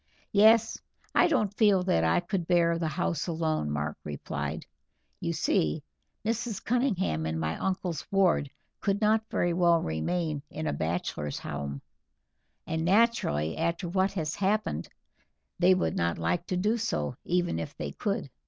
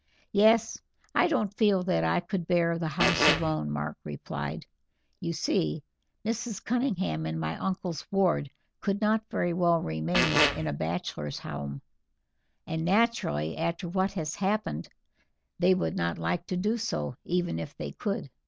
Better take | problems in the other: first | background sound (Fart); 3 dB above the speech

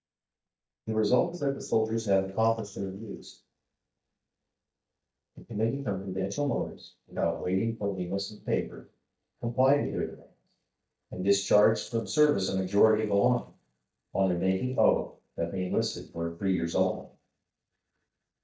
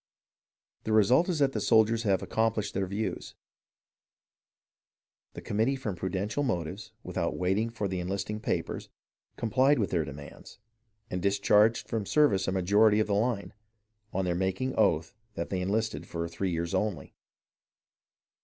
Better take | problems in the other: second | noise reduction (neural mask model DeepFilterNet 3)

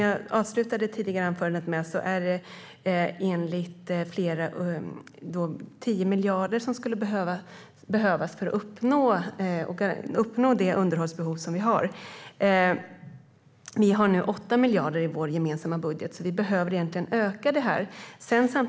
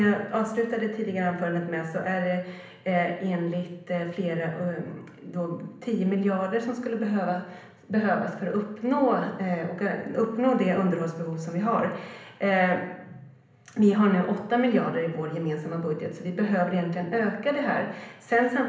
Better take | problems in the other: first | room echo; dies away in 0.8 s

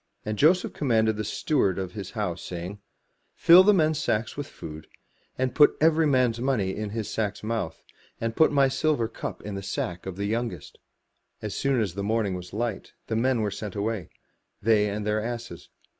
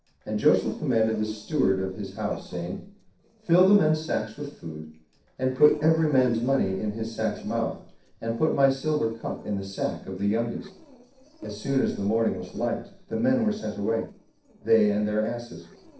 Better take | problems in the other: first | noise reduction (neural separator model SepFormer DNS4)

